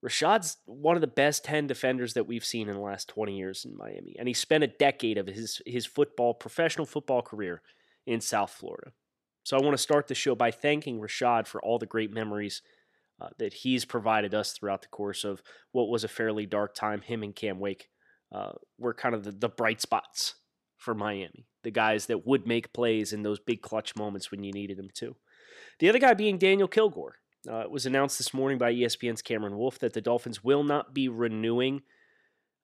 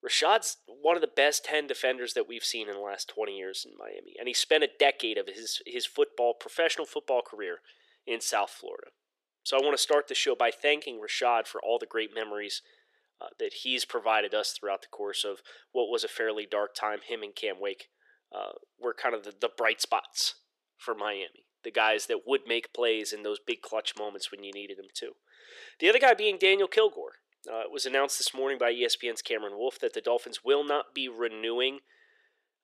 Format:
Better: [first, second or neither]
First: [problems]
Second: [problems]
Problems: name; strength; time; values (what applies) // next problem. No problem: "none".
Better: first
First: none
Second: thin; very; fading below 400 Hz